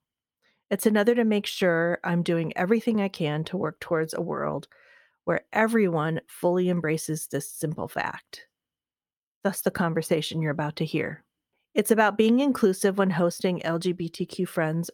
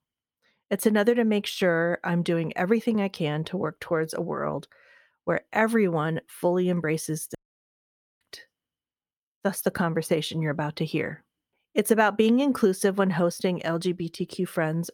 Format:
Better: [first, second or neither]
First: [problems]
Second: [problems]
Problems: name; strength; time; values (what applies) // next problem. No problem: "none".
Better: first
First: none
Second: audio cutting out; at 7.5 s for 1 s